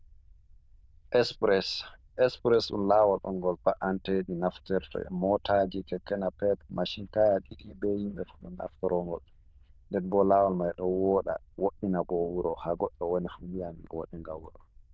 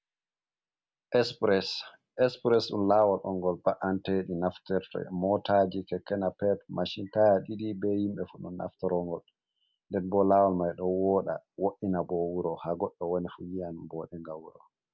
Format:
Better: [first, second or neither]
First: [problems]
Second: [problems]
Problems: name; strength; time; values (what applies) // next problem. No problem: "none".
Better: second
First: noise reduction (neural diffusion model UNIVERSE++)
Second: none